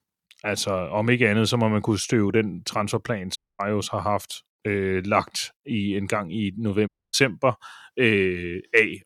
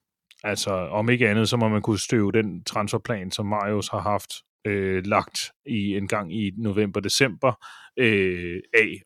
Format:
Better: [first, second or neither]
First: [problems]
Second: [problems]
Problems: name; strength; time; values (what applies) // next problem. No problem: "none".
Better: second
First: audio cutting out; at 3.5 s and at 7 s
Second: none